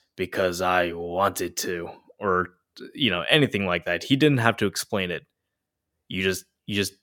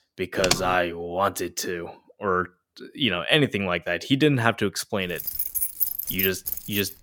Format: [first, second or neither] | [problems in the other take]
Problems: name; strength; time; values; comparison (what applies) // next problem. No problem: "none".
first | keyboard typing; loud; at 0.5 s; peak level with the speech // jangling keys; loud; from 5 s on; peak 2 dB above the speech